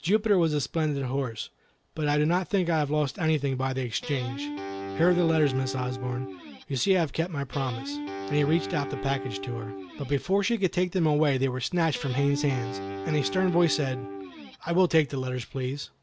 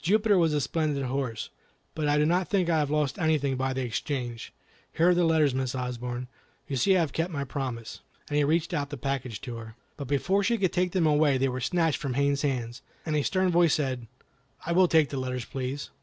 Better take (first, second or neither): second